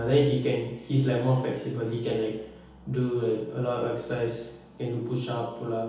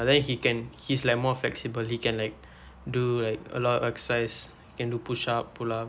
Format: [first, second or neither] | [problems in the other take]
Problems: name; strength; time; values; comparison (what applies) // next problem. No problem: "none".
second | room echo; dies away in 2.2 s